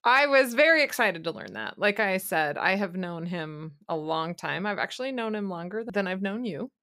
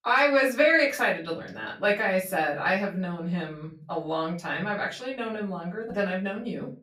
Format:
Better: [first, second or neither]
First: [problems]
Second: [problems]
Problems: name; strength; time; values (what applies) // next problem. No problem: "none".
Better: first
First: none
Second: off-mic speech; far // room echo; very slight; dies away in 0.3 s